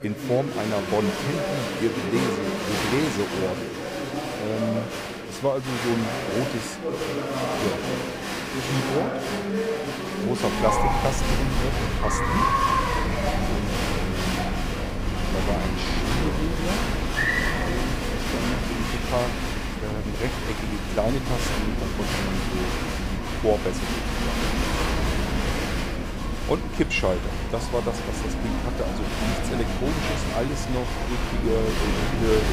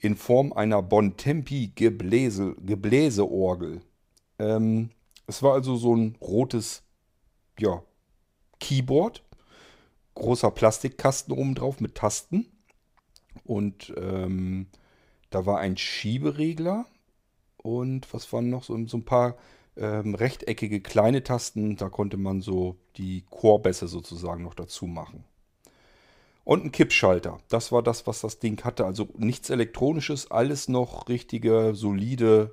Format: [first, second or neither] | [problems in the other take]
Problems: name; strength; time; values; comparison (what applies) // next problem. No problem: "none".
second | crowd noise; very loud; throughout; 3 dB above the speech